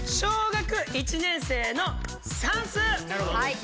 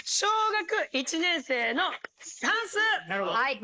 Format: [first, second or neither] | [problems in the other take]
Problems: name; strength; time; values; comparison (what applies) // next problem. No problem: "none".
first | noise reduction (neural mask model Resemble Enhance denoiser)